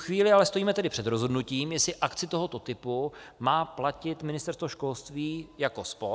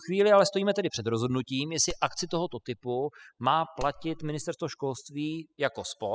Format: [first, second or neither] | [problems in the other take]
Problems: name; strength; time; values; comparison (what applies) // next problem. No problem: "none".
first | noise reduction (classical method spectral subtraction)